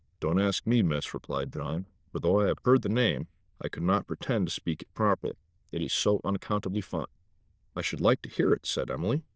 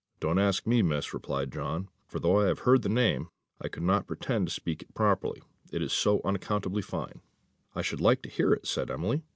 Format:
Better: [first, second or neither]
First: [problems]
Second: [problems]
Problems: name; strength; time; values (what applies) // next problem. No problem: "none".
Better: second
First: noise reduction (neural diffusion model UNIVERSE++)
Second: none